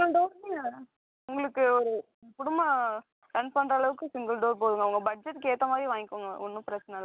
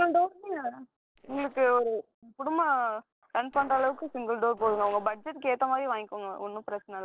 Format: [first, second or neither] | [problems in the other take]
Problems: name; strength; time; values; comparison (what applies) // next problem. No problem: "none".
first | noise reduction (neural separator model SepFormer DNS4)